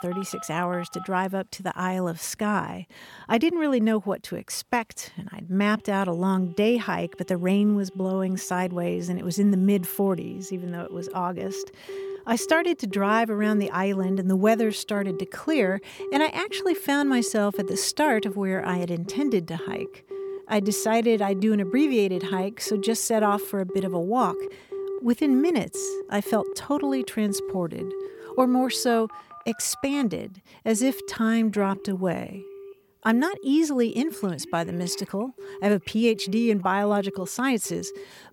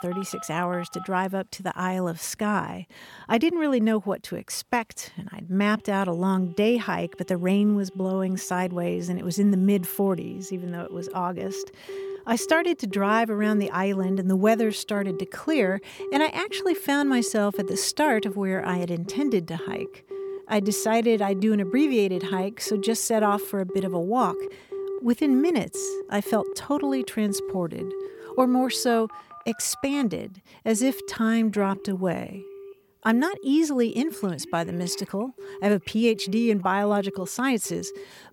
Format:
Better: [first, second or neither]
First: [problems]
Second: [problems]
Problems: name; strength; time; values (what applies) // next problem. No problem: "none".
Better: neither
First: alarms or sirens; noticeable; throughout; 10 dB below the speech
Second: alarms or sirens; noticeable; throughout; 10 dB below the speech